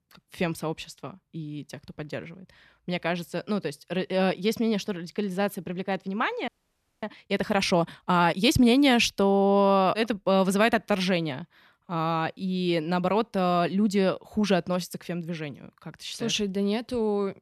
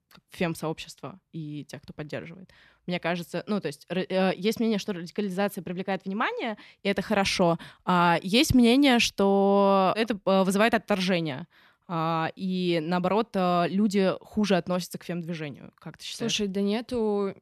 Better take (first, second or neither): second